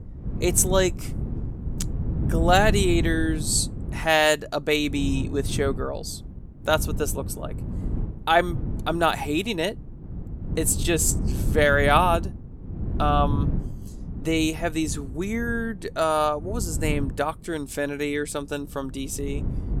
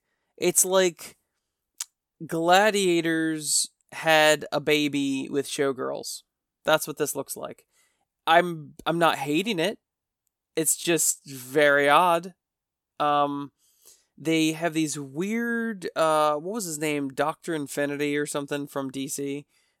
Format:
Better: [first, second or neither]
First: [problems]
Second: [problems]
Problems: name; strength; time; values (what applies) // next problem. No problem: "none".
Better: second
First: wind noise on the microphone; occasional gusts; 15 dB below the speech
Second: none